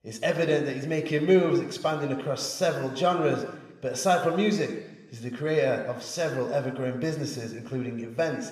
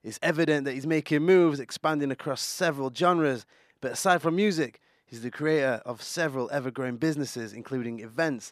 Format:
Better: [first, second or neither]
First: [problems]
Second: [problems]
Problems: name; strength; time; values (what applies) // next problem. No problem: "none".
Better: second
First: room echo; slight; dies away in 0.9 s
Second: none